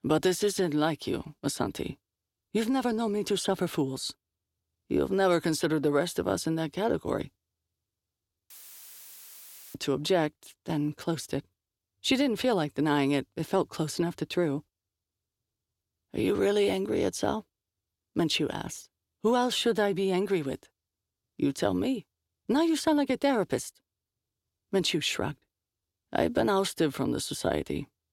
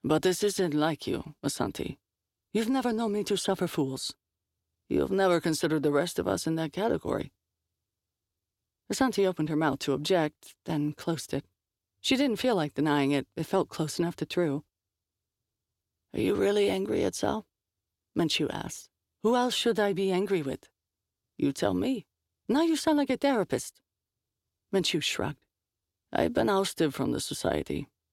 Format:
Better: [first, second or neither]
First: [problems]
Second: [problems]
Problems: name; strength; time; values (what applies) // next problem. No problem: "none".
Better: second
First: audio cutting out; filled with static; at 8.5 s for 1 s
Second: none